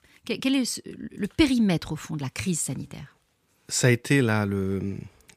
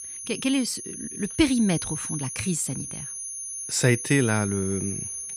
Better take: first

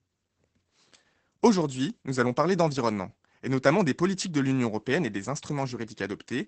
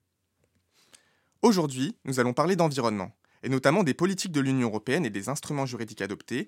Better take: second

